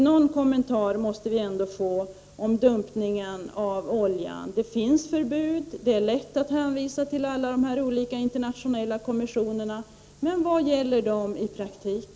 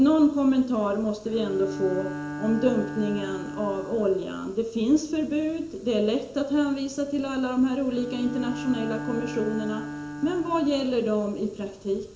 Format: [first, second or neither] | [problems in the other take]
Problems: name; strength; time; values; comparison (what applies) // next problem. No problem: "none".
first | background sound (Bowed string instrument); 12 dB below the speech // room echo; dies away in 1.6 s